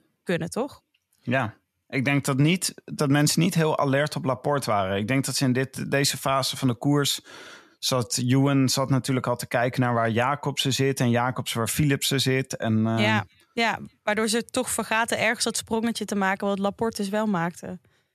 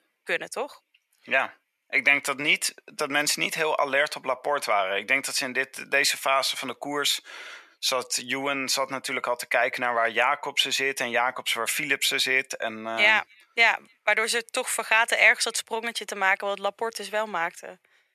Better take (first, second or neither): first